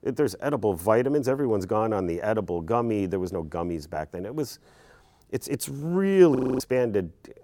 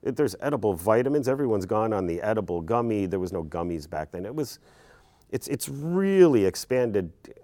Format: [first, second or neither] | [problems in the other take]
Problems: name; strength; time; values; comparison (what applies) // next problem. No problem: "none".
second | audio freezing; at 6.5 s